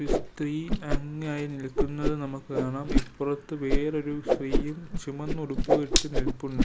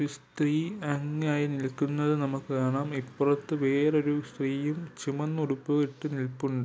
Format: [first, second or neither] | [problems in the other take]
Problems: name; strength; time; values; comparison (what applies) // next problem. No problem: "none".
second | background sound (Whoosh, swoosh, swish); 4 dB above the speech